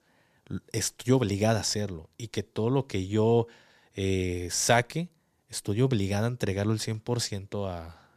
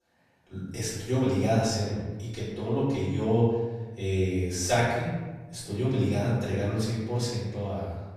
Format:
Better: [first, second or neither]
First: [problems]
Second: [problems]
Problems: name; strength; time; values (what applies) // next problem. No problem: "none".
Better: first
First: none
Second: off-mic speech; far // room echo; noticeable; dies away in 1.3 s